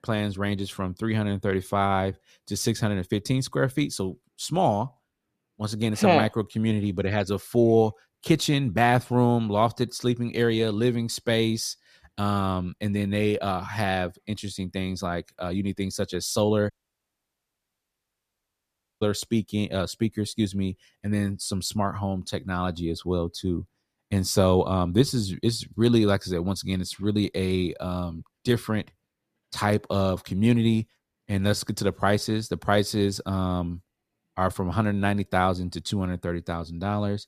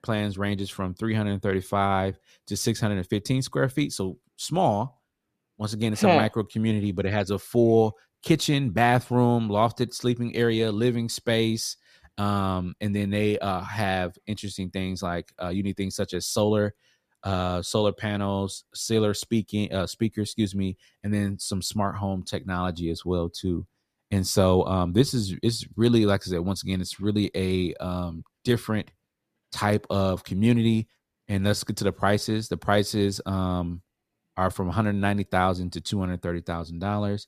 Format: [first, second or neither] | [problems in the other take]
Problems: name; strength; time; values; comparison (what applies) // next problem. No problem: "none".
second | audio cutting out; at 17 s for 2.5 s